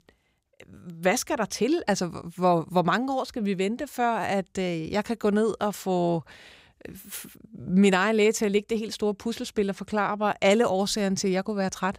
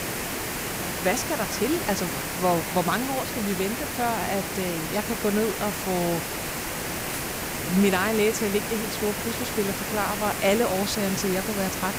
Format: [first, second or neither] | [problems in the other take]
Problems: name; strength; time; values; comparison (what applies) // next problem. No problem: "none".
first | hiss; loud; throughout; 2 dB below the speech